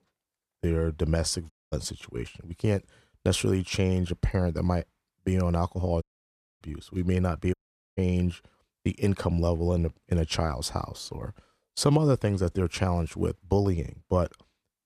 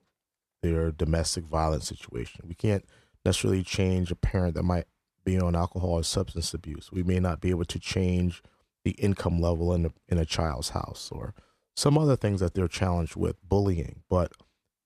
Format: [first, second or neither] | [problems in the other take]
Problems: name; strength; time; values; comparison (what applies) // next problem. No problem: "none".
second | audio cutting out; at 1.5 s, at 6 s for 0.5 s and at 7.5 s